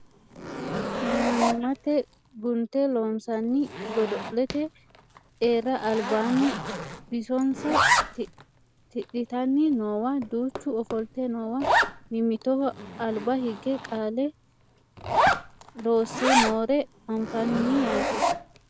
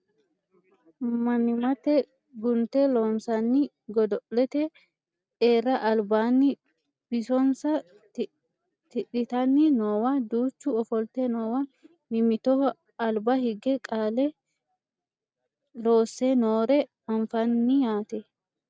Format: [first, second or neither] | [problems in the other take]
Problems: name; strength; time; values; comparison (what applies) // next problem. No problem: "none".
second | background sound (Zipper (clothing)); 3 dB below the speech